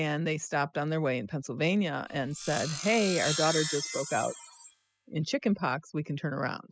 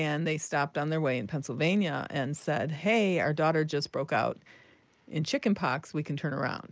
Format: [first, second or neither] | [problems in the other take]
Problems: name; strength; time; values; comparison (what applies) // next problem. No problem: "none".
second | noise reduction (classical method spectral subtraction)